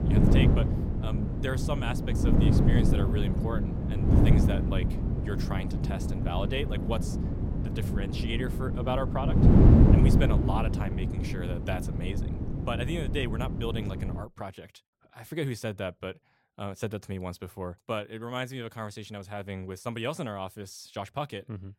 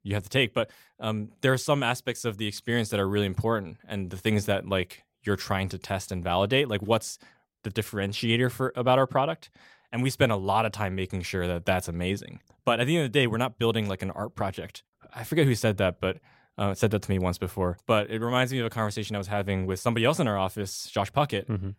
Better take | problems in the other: second | wind noise on the microphone; heavy; until 14 s; 1 dB above the speech

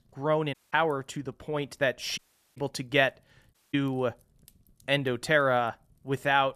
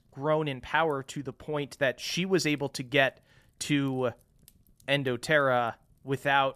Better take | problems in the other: second | audio cutting out; at 0.5 s, at 2 s and at 3.5 s

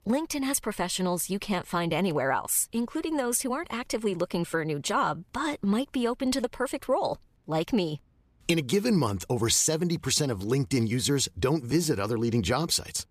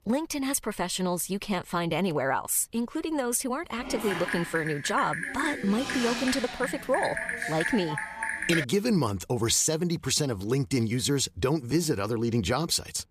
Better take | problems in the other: first | keyboard typing; noticeable; from 4 to 8.5 s; peak 1 dB below the speech

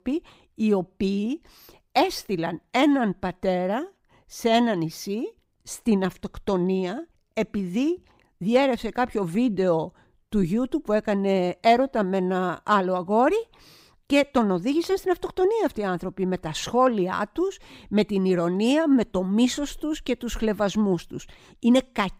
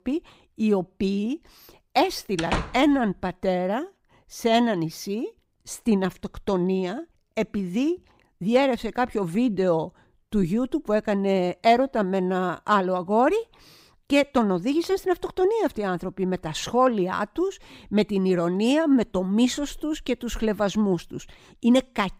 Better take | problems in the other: first | door banging; noticeable; at 2.5 s; peak 4 dB below the speech

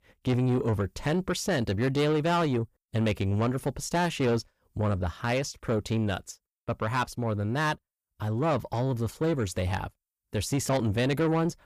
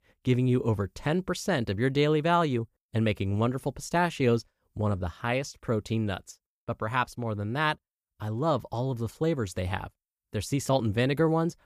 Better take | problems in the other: second | distortion; slight; 10 dB below the speech

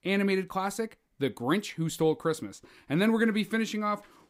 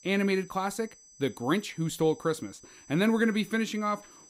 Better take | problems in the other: first | high-pitched whine; faint; throughout; 6 kHz, 25 dB below the speech

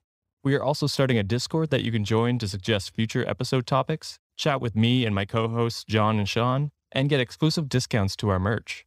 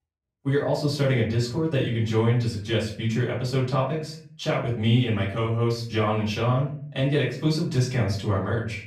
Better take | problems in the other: first | off-mic speech; far // room echo; slight; dies away in 0.5 s

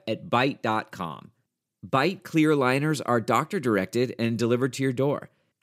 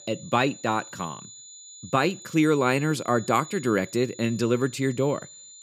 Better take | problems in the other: first | high-pitched whine; noticeable; throughout; 7 kHz, 15 dB below the speech

